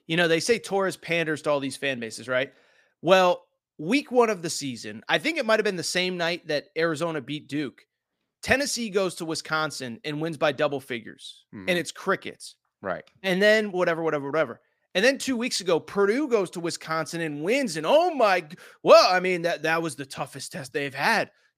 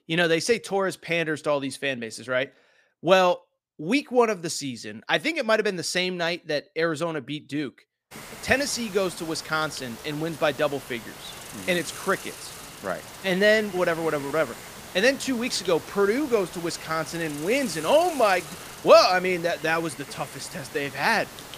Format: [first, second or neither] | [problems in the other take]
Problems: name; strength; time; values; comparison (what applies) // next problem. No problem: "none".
first | hiss; noticeable; from 8 s on; 15 dB below the speech